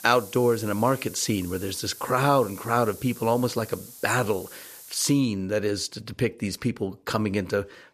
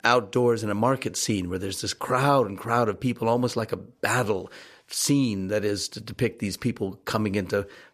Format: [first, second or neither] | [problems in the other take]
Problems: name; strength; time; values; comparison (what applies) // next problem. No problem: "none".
second | hiss; noticeable; until 5 s; 15 dB below the speech